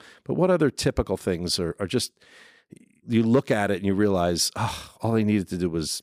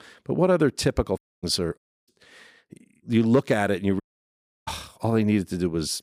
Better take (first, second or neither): first